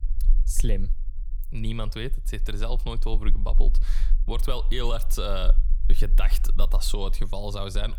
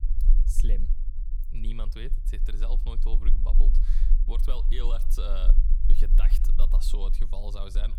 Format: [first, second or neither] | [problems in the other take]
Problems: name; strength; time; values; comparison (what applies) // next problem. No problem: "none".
first | low rumble; loud; throughout; 10 dB below the speech; faint in the first